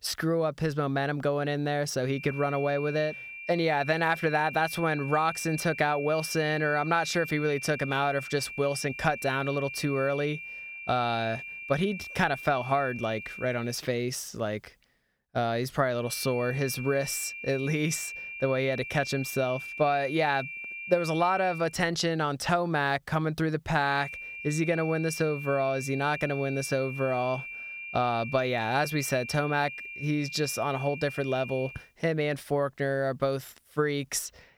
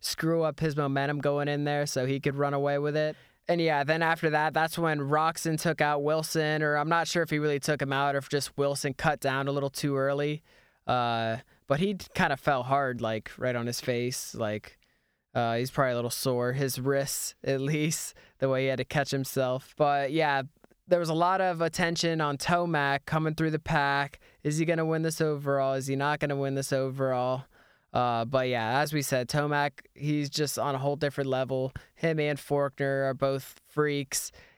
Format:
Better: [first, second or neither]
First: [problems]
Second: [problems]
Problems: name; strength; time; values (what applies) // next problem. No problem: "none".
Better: second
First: high-pitched whine; loud; from 2 to 14 s, from 16 to 22 s and from 24 to 32 s; 2.5 kHz, 9 dB below the speech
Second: none